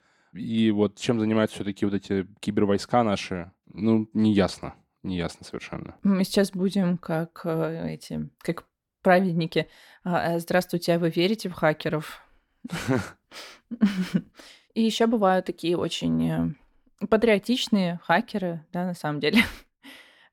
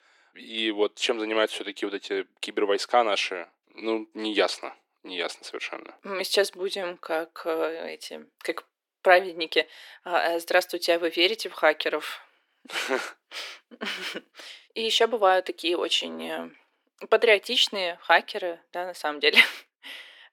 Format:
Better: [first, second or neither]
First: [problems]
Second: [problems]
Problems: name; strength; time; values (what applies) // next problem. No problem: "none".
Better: first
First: none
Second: thin; very; fading below 350 Hz